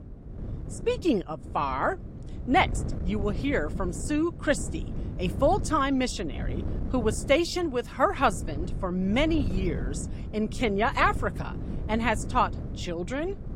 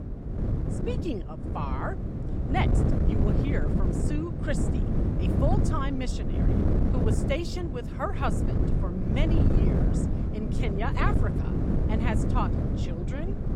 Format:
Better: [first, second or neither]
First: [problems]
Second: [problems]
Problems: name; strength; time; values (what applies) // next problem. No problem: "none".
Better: first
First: wind noise on the microphone; occasional gusts; 20 dB below the speech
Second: wind noise on the microphone; heavy; 2 dB below the speech